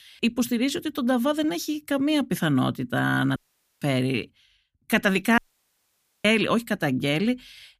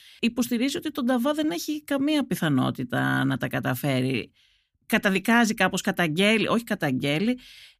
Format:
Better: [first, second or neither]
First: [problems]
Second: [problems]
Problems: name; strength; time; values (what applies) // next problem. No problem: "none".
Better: second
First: audio cutting out; at 3.5 s and at 5.5 s for 1 s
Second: none